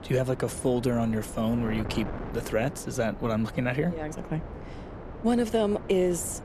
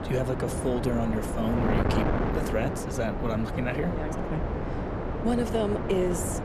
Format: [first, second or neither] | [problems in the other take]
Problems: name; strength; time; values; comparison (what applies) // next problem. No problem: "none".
first | wind noise on the microphone; heavy; 1 dB below the speech; occasional gusts in the first